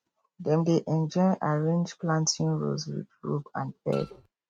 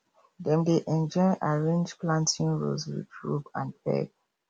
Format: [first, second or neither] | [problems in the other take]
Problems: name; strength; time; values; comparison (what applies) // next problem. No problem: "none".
second | noise reduction (neural mask model RNNoise)